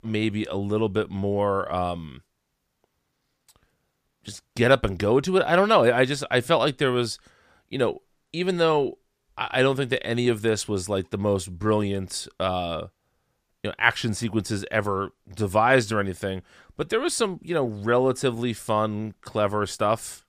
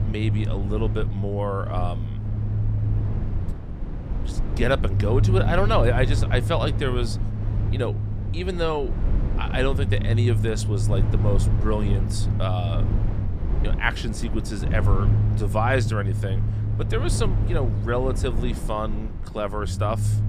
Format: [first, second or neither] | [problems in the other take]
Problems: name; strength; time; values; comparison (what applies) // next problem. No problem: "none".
first | low rumble; loud; throughout; 10 dB below the speech